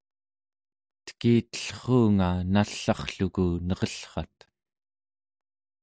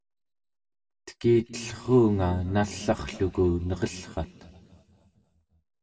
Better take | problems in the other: first | room echo; dies away in 1.7 s

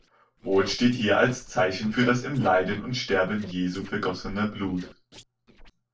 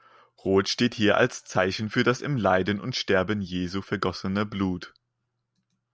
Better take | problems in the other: second | noise reduction (neural separator model SepFormer DNS4)

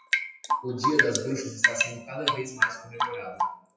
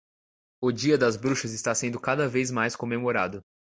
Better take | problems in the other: second | noise reduction (classical method WPE with log-MMSE)

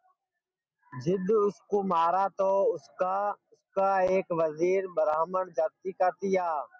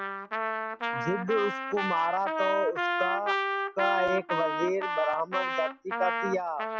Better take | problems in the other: first | background sound (Trumpet); 1 dB below the speech

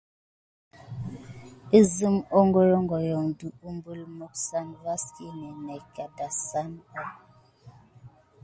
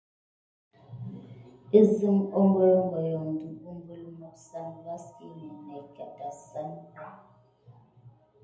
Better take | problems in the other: first | room echo; dies away in 0.7 s

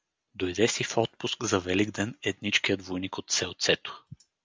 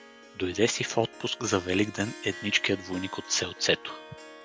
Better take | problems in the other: first | background sound (Harp); 16 dB below the speech

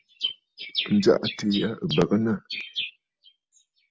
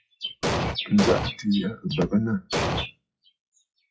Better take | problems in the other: first | noise reduction (classical method WPE with log-MMSE)

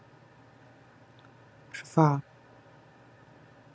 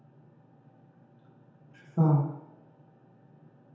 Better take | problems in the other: first | room echo; dies away in 0.9 s

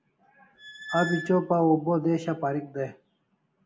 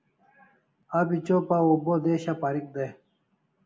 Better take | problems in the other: second | background sound (Squeak); 10 dB below the speech

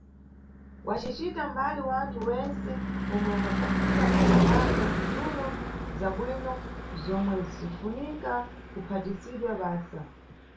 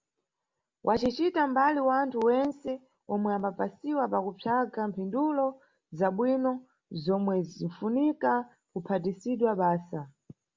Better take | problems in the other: second | background sound (Car passing by / Engine / Truck); 3 dB above the speech // room echo; dies away in 0.3 s

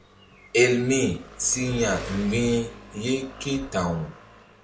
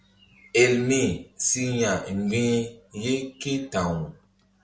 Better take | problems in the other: second | background sound (Bass drum + Engine); 16 dB below the speech

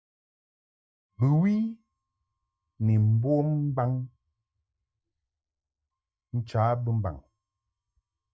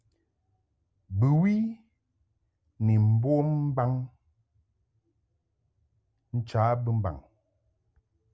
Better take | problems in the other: second | noise reduction (neural mask model DeepFilterNet 3)

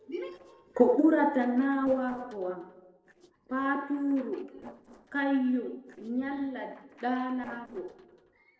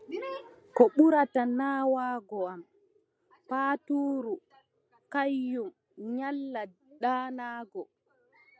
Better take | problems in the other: second | noise reduction (neural separator model SepFormer DNS4)

